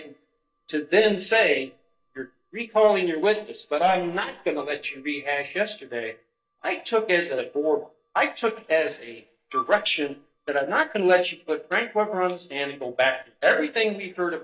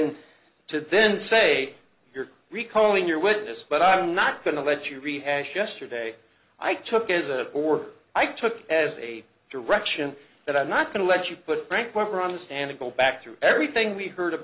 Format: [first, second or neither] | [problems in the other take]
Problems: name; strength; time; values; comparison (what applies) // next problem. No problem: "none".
second | noise reduction (neural mask model DeepFilterNet 3)